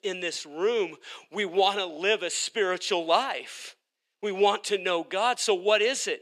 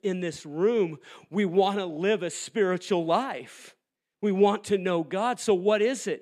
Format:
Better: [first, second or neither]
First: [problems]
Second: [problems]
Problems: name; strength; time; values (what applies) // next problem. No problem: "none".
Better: second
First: thin; somewhat; fading below 500 Hz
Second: none